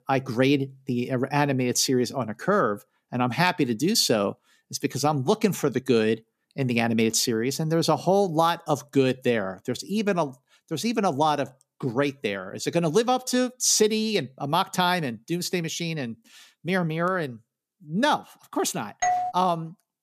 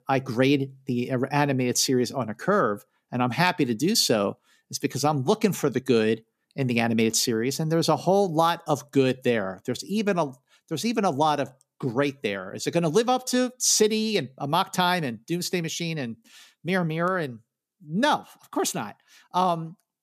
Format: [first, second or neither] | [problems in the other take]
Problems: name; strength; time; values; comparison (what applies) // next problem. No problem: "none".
second | doorbell; noticeable; at 19 s; peak level with the speech